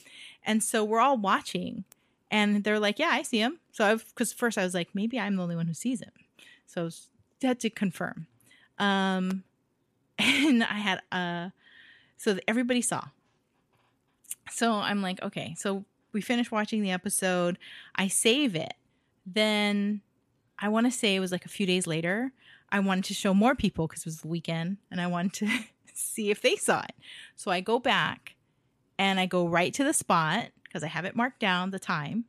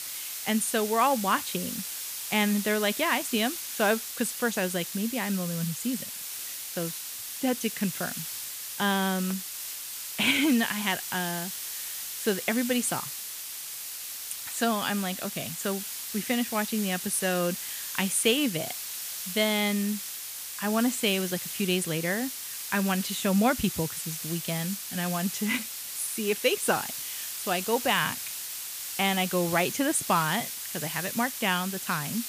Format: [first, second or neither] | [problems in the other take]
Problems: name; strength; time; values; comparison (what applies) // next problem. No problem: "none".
first | hiss; loud; throughout; 5 dB below the speech